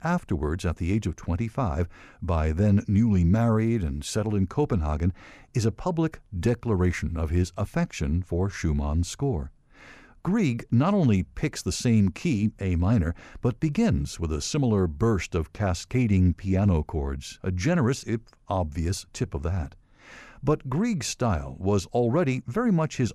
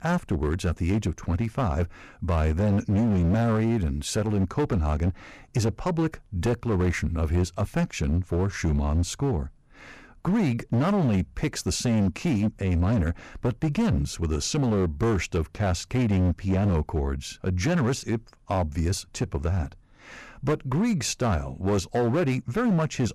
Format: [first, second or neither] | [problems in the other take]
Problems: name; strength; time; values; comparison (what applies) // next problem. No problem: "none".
first | distortion; slight; 13% of the sound clipped